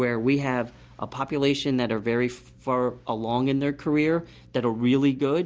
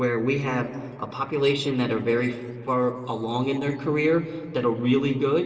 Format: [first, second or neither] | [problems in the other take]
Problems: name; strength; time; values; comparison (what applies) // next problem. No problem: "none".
first | noise reduction (neural separator model SepFormer DNS4)